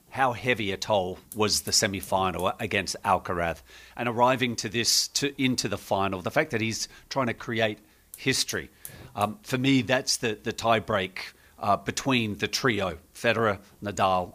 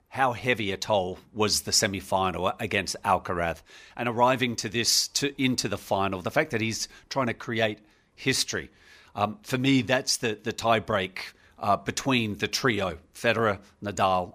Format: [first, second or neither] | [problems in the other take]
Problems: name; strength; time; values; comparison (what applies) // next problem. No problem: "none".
second | hiss; faint; throughout; 25 dB below the speech